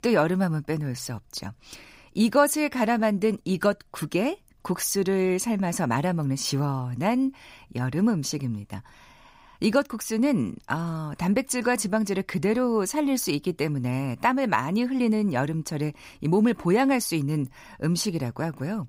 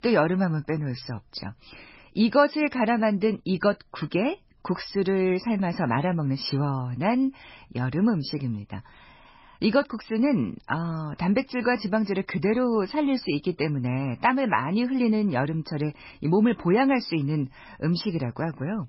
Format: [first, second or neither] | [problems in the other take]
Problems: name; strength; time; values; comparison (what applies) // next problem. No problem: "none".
first | garbled, watery; badly; nothing above 5.5 kHz